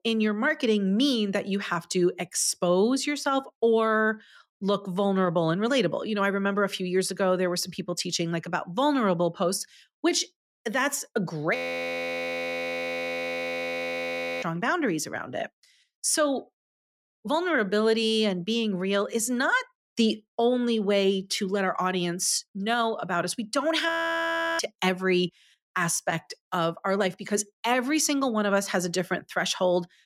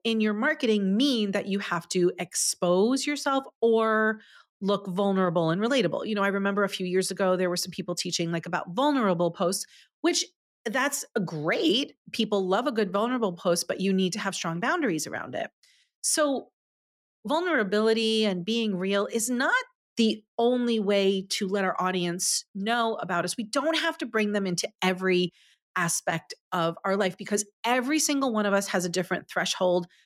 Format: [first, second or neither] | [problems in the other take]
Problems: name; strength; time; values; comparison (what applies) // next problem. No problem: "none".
second | audio freezing; at 12 s for 3 s and at 24 s for 0.5 s